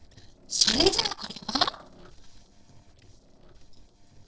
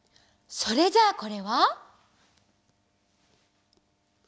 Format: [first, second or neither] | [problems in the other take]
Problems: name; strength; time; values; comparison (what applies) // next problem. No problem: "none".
second | noise reduction (neural separator model SepFormer DNS4)